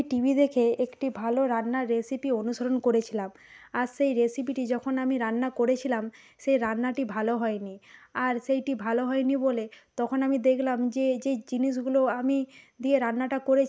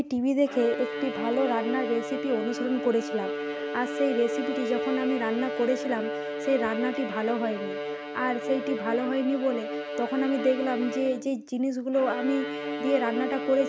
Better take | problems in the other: first | background sound (Bowed string instrument); 5 dB below the speech

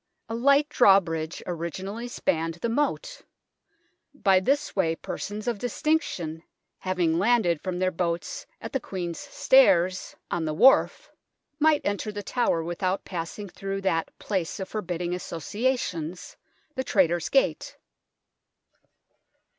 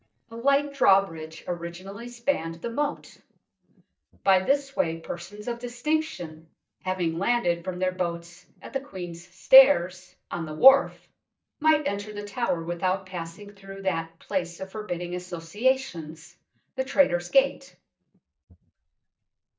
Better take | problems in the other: first | noise reduction (neural mask model DeepFilterNet 3)

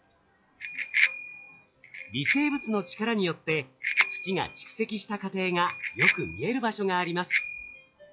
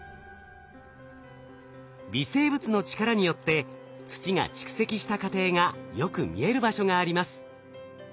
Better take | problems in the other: second | noise reduction (classical method log-MMSE)

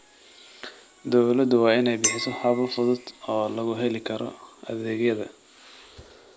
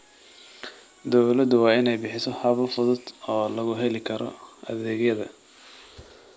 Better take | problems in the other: second | background sound (Chink, clink); 8 dB below the speech

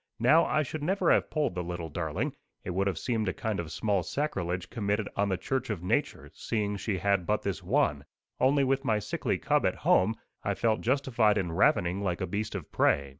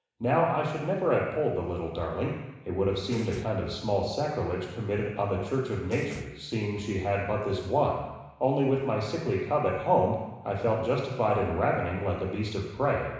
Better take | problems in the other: first | background sound (Snare drum); 17 dB below the speech // room echo; dies away in 1 s

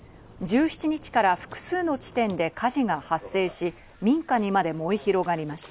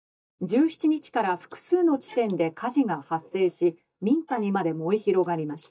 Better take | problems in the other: first | noise reduction (neural mask model DeepFilterNet 3)

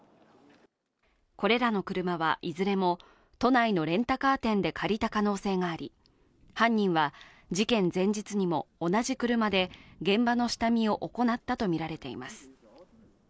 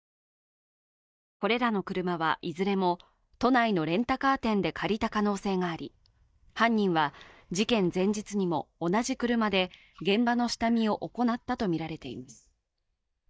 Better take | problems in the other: first | noise reduction (neural mask model DeepFilterNet 3)

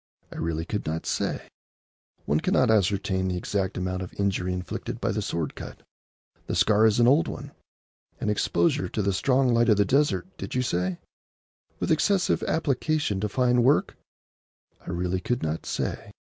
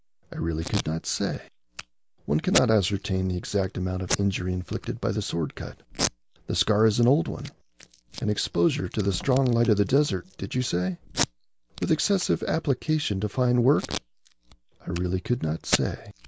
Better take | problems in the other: first | background sound (Packing tape, duct tape); 11 dB below the speech

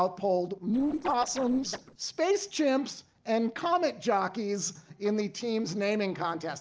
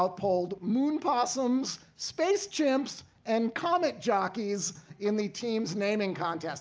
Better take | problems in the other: second | noise reduction (neural separator model SepFormer DNS4)

